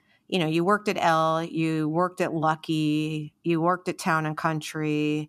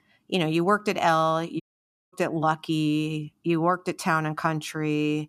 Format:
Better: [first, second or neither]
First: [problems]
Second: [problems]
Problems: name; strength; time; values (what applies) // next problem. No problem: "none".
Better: first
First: none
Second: audio cutting out; at 1.5 s for 0.5 s